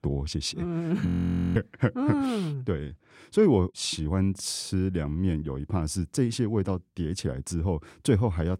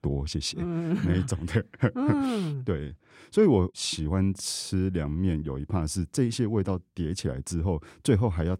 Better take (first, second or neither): second